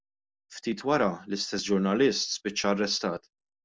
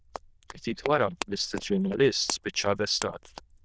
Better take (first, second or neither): first